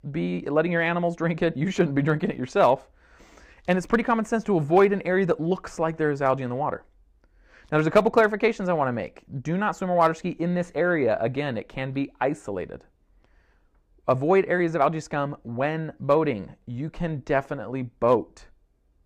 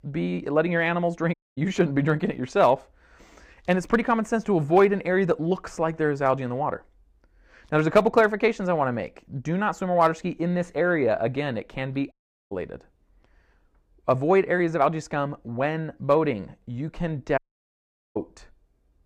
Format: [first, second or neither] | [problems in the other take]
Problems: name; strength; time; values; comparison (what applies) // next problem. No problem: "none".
first | audio cutting out; at 1.5 s, at 12 s and at 17 s for 1 s